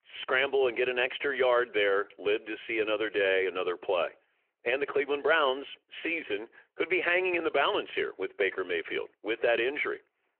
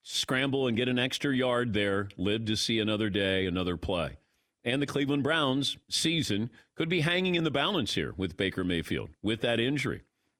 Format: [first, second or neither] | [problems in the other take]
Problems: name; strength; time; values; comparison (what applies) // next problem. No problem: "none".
second | phone-call audio